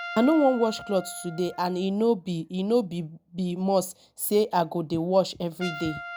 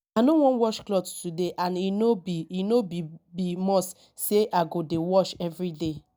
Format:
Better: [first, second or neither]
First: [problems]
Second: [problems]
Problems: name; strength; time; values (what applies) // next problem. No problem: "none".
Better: second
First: background sound (Trumpet); 16 dB below the speech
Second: none